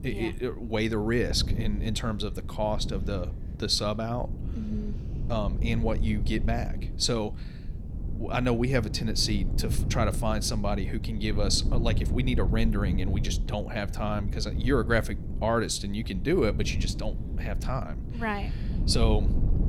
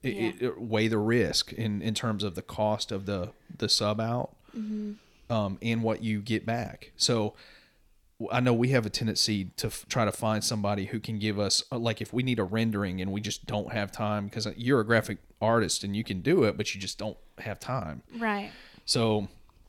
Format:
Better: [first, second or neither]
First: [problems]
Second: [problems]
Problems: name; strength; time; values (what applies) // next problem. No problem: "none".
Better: second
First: wind noise on the microphone; occasional gusts; 15 dB below the speech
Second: none